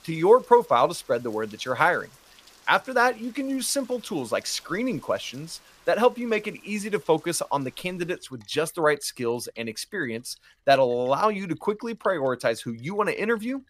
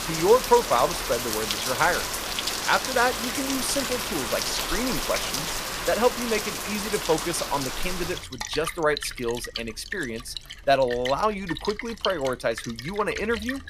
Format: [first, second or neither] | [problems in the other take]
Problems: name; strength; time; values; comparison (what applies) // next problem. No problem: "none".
first | rain or running water; loud; throughout; 3 dB below the speech; faint in the first